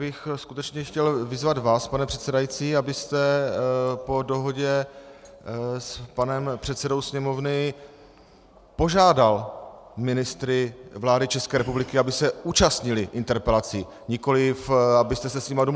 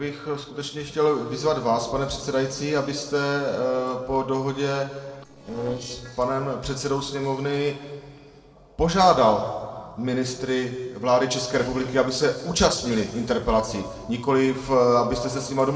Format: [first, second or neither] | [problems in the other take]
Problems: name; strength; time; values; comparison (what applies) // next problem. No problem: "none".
first | noise reduction (neural separator model SepFormer DNS4)